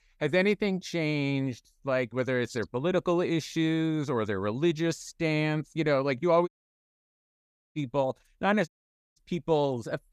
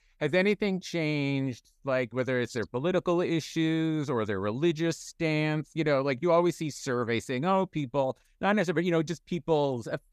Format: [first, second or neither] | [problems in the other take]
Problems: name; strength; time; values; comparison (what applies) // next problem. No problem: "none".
second | audio cutting out; at 6.5 s for 1.5 s and at 8.5 s